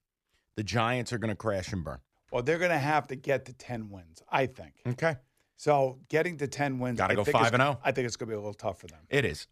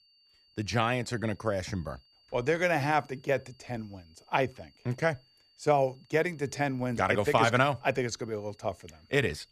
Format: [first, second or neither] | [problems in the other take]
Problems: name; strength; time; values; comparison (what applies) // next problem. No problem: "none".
first | high-pitched whine; faint; throughout; 4.5 kHz, 30 dB below the speech